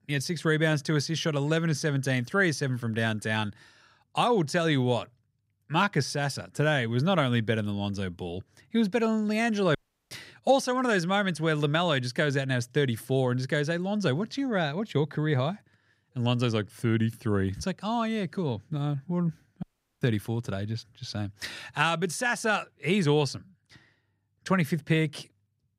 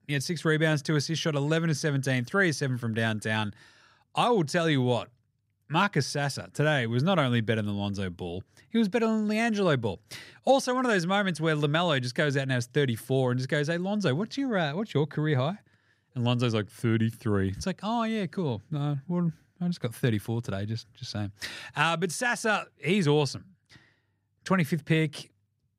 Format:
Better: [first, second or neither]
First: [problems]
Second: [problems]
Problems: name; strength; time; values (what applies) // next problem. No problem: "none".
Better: second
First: audio cutting out; at 10 s and at 20 s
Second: none